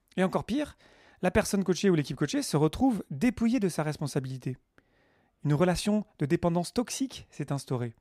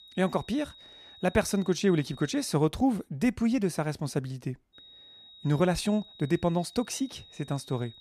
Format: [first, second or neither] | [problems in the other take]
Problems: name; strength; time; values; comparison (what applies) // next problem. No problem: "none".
first | high-pitched whine; faint; until 2.5 s and from 5 s on; 4 kHz, 20 dB below the speech